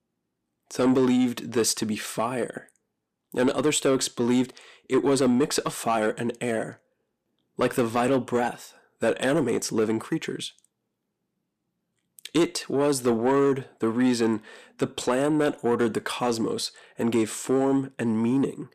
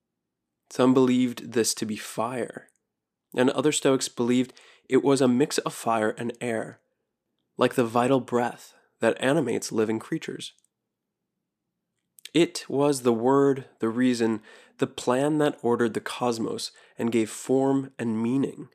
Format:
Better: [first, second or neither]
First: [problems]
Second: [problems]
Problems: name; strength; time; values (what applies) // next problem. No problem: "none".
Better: second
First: distortion; slight; 10 dB below the speech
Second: none